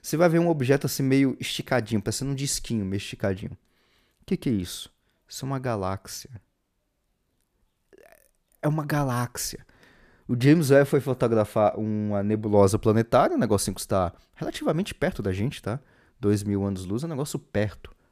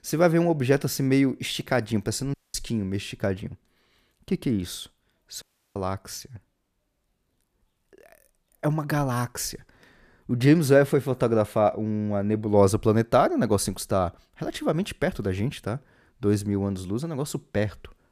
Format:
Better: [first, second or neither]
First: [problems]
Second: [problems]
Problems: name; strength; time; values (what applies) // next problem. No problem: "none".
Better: first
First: none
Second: audio cutting out; at 2.5 s and at 5.5 s